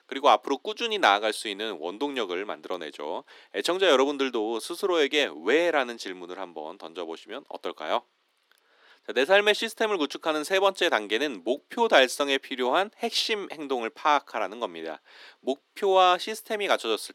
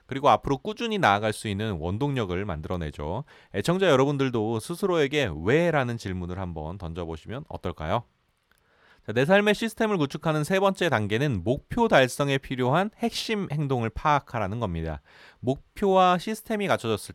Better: second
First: thin; somewhat; fading below 250 Hz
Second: none

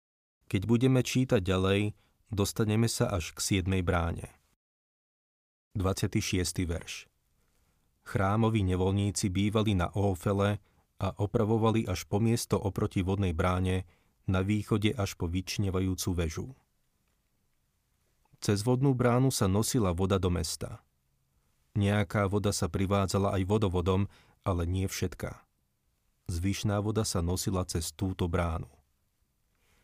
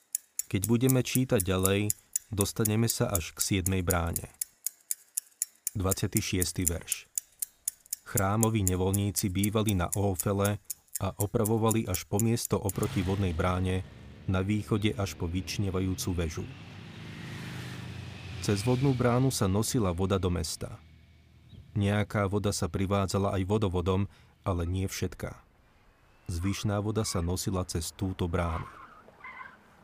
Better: first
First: none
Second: traffic noise; loud; throughout; 6 dB below the speech

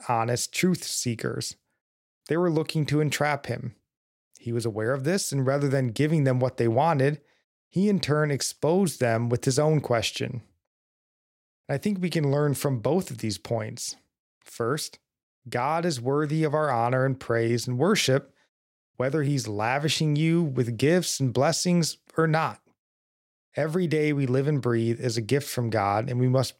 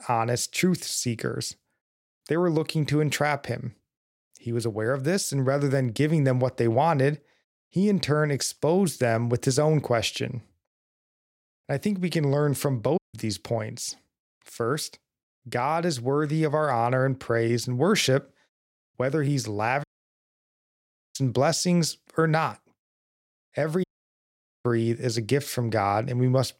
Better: first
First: none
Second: audio cutting out; at 13 s, at 20 s for 1.5 s and at 24 s for 1 s

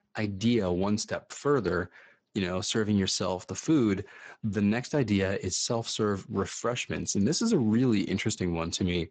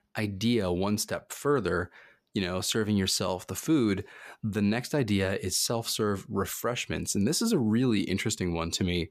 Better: second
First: garbled, watery; badly; nothing above 7.5 kHz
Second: none

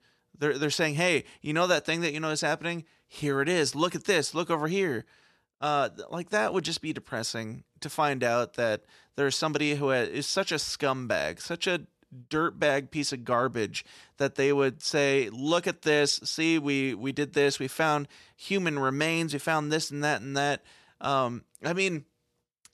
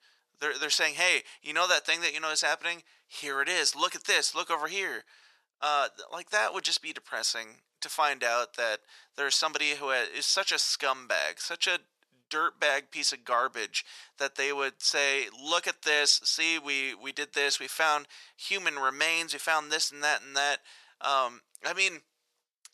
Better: first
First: none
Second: thin; very; fading below 800 Hz

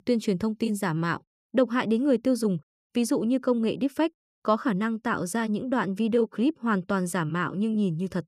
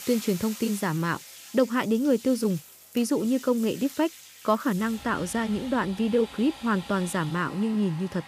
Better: first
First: none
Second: household noises; noticeable; throughout; 15 dB below the speech

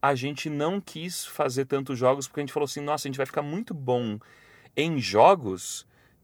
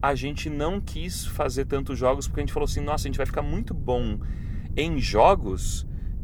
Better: first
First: none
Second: low rumble; faint; throughout; 20 dB below the speech

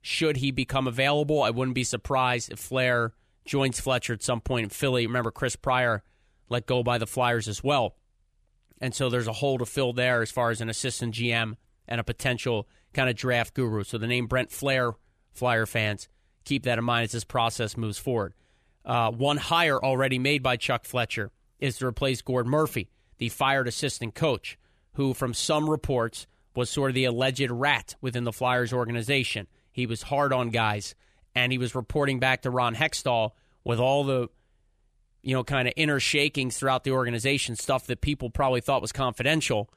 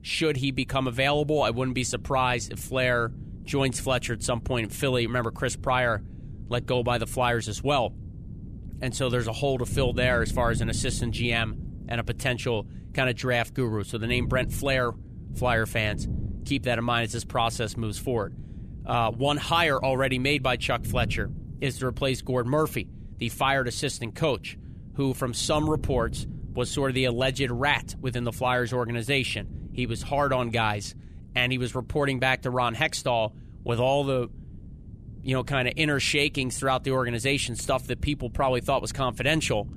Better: first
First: none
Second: wind noise on the microphone; occasional gusts; 25 dB below the speech

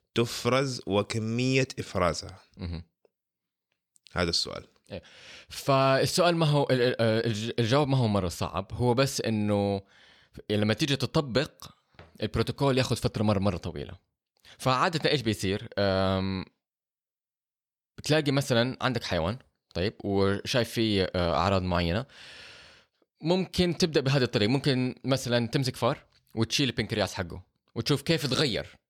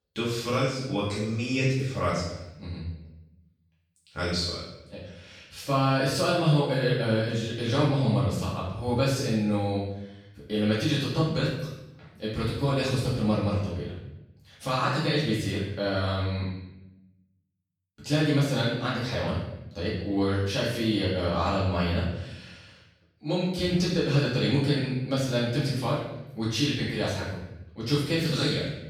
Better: first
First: none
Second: off-mic speech; far // room echo; noticeable; dies away in 0.8 s

